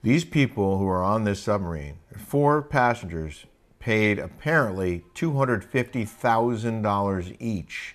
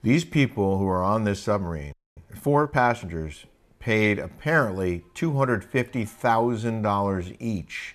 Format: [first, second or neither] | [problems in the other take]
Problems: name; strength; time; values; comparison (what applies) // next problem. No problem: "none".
first | audio freezing; at 2 s